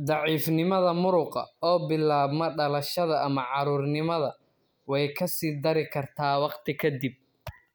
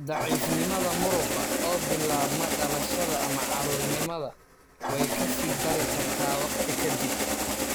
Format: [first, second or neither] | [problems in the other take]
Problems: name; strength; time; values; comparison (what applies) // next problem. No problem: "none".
first | background sound (Engine starting); 3 dB above the speech